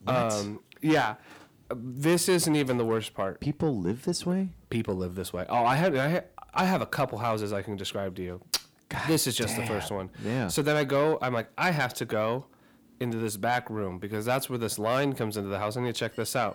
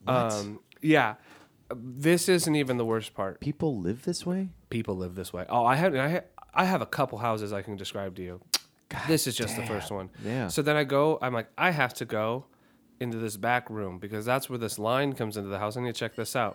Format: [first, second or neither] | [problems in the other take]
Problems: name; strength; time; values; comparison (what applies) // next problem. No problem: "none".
second | distortion; slight; 10 dB below the speech